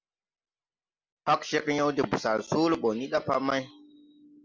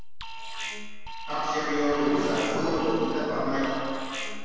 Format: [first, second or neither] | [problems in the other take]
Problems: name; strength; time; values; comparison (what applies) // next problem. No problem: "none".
first | background sound (Alarm); 5 dB below the speech // room echo; dies away in 2.1 s